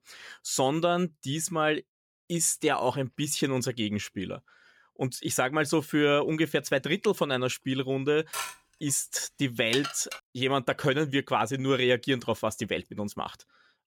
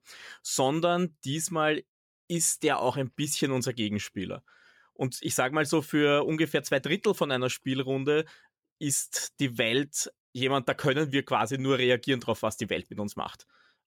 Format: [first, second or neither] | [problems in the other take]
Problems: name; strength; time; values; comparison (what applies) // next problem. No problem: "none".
second | clattering dishes; noticeable; from 8.5 to 10 s; peak 6 dB below the speech